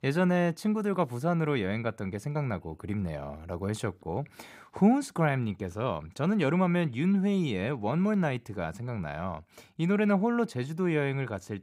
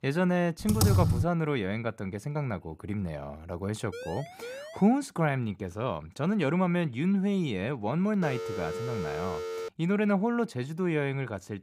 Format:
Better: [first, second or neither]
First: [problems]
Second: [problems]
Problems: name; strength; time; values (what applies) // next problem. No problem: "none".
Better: first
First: none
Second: keyboard typing; loud; at 0.5 s; peak 6 dB above the speech // siren; faint; at 4 s; peak 10 dB below the speech // phone ringing; noticeable; from 8 to 9.5 s; peak 5 dB below the speech